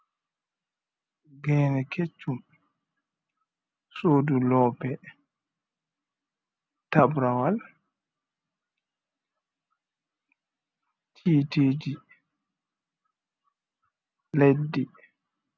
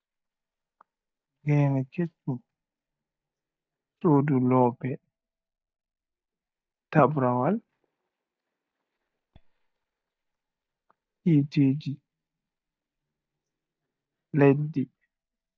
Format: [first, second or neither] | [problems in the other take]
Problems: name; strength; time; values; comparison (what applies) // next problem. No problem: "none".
first | noise reduction (neural mask model DeepFilterNet 3)